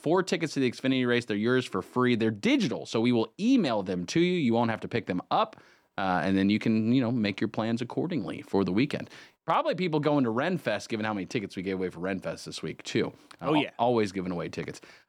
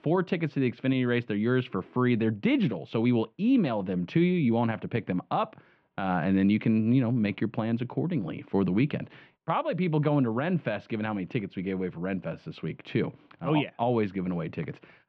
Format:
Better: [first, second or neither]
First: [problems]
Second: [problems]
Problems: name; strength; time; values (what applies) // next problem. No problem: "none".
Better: first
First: none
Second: muffled; slightly; fading above 3 kHz